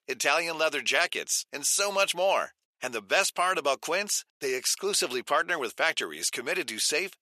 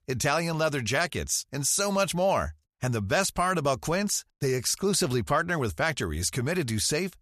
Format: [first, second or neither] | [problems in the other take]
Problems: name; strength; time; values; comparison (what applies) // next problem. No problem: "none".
second | thin; very; fading below 350 Hz